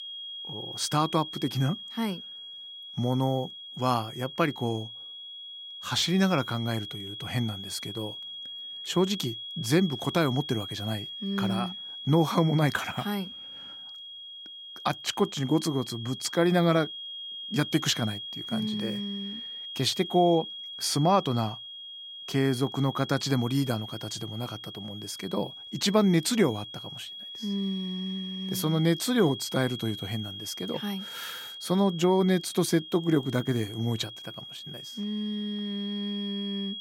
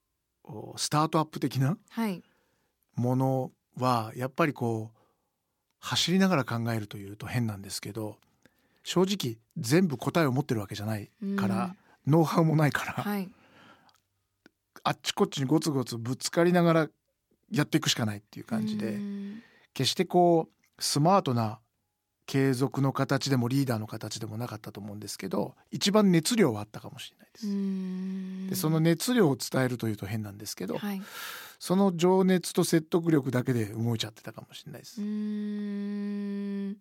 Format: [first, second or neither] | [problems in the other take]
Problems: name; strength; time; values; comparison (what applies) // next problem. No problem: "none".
second | high-pitched whine; loud; throughout; 3.5 kHz, 10 dB below the speech